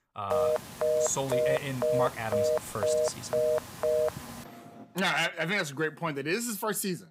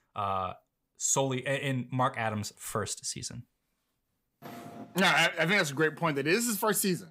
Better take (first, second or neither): second